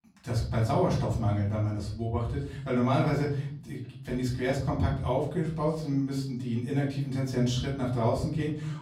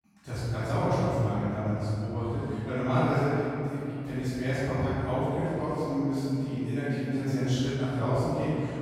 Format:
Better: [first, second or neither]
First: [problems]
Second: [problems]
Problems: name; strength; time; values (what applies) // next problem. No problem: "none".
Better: first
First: room echo; slight; dies away in 0.8 s // off-mic speech; far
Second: room echo; strong; dies away in 2.9 s // off-mic speech; far